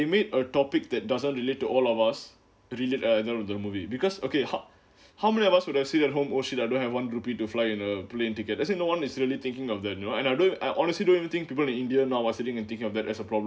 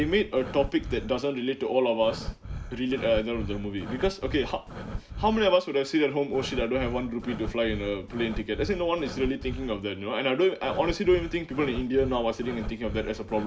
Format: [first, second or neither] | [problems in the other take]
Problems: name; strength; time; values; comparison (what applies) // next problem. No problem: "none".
first | background sound (Breathing); 10 dB below the speech